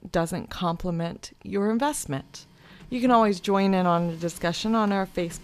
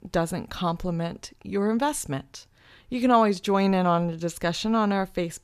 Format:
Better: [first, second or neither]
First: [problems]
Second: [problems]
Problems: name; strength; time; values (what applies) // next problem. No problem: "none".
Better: second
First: household noises; faint; throughout; 25 dB below the speech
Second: none